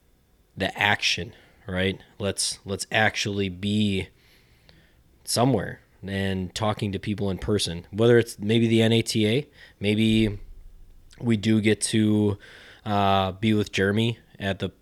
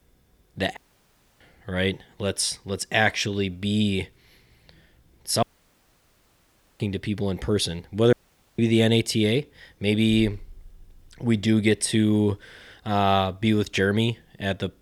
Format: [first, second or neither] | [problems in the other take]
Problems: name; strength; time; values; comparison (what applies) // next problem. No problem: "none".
first | audio cutting out; at 1 s for 0.5 s, at 5.5 s for 1.5 s and at 8 s